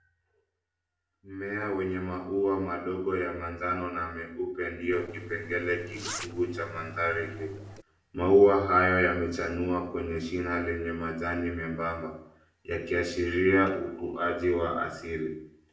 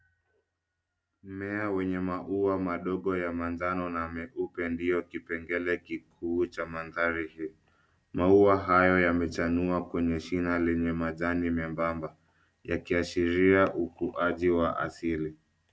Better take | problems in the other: second | noise reduction (neural separator model SepFormer DNS4)

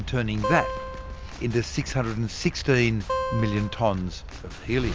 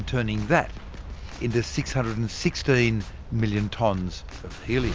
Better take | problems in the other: second | background sound (Acoustic guitar); 6 dB below the speech

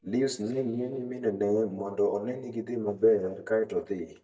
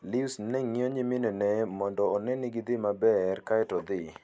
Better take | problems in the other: second | noise reduction (neural mask model DeepFilterNet 3)

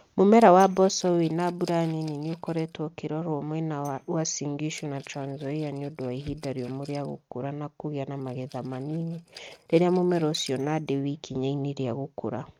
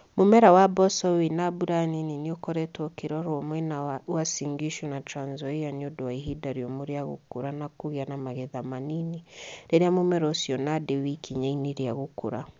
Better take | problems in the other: second | noise reduction (neural mask model RNNoise)

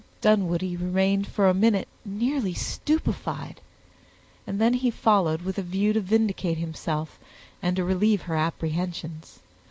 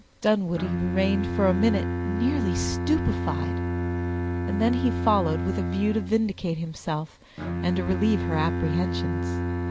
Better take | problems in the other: first | background sound (Bowed string instrument); 2 dB below the speech

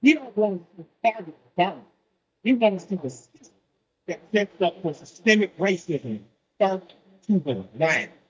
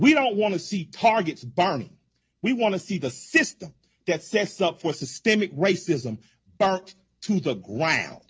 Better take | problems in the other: second | noise reduction (neural mask model DeepFilterNet 3)

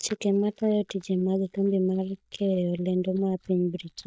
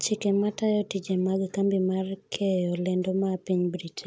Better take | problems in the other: second | noise reduction (neural mask model DeepFilterNet 3)

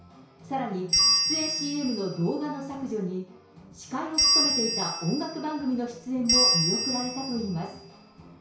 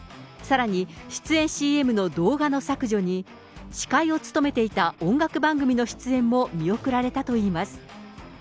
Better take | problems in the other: second | background sound (Bell); 4 dB above the speech // room echo; dies away in 0.6 s

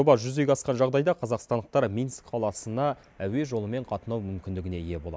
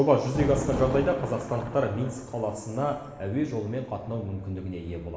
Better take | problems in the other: first | background sound (Thunder); 9 dB below the speech // room echo; dies away in 1.4 s

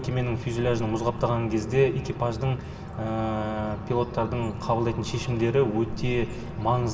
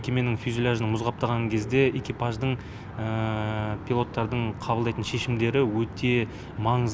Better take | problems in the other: second | background sound (Bird); 16 dB below the speech // room echo; dies away in 2.4 s

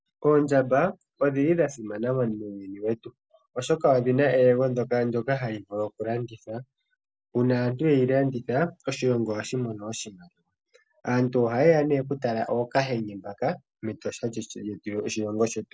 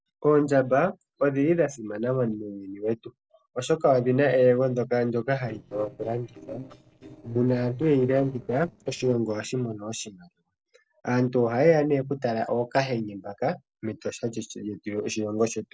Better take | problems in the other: first | noise reduction (neural separator model SepFormer DNS4)

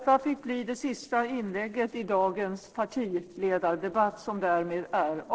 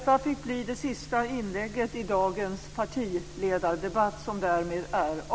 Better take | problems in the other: second | noise reduction (neural separator model SepFormer DNS4)

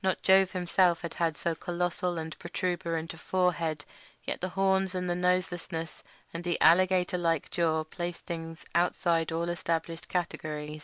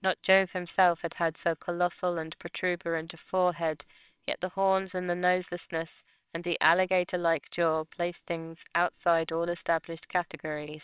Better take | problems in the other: first | noise reduction (neural separator model SepFormer WHAMR!)

